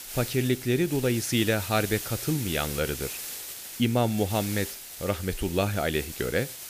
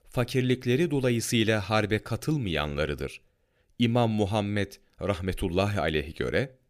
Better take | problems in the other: second | hiss; loud; throughout; 8 dB below the speech

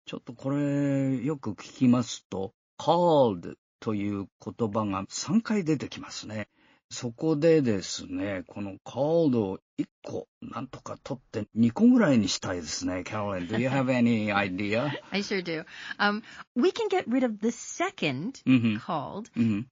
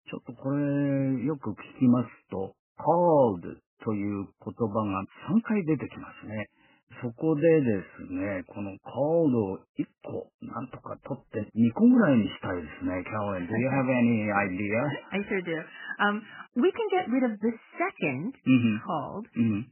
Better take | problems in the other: first | garbled, watery; badly; nothing above 3 kHz; slightly in the first

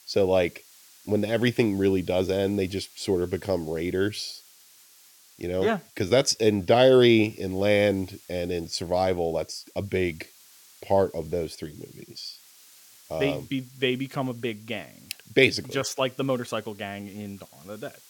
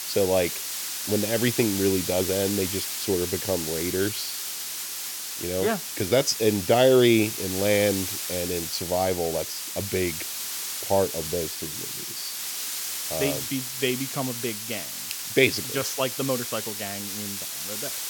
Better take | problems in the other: first | hiss; loud; throughout; 4 dB below the speech; faint in the first

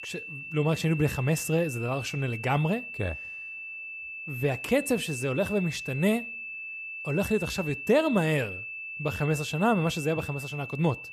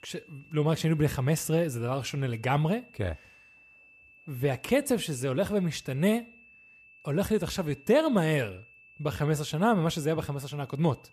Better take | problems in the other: second | high-pitched whine; loud; throughout; 2.5 kHz, 8 dB below the speech; faint in the second

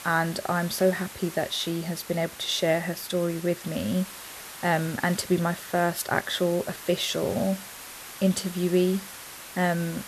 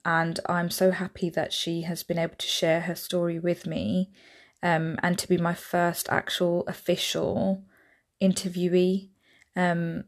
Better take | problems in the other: second | hiss; noticeable; throughout; 15 dB below the speech

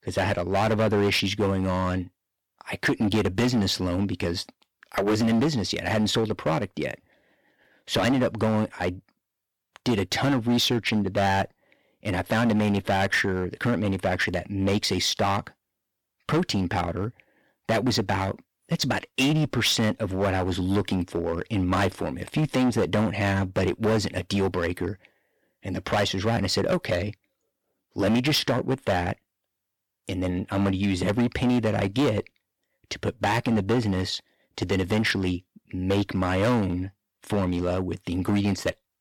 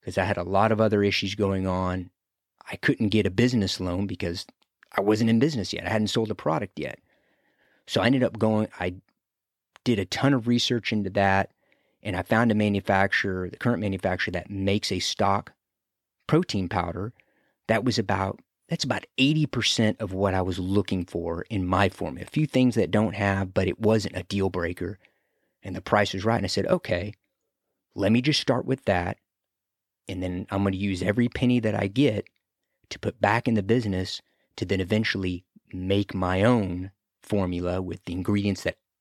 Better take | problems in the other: second | distortion; heavy; 11% of the sound clipped

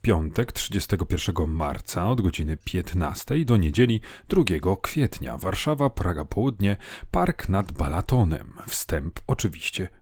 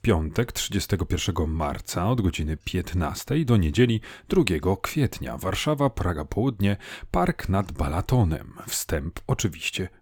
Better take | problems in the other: second | garbled, watery; slightly; nothing above 18.5 kHz

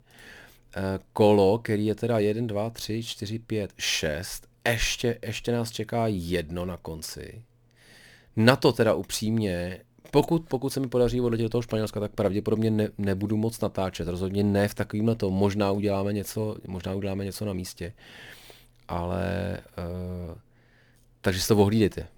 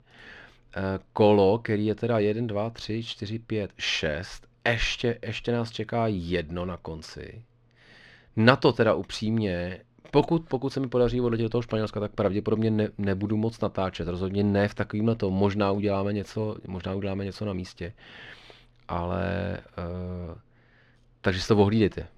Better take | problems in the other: first | muffled; very slightly; fading above 3.5 kHz

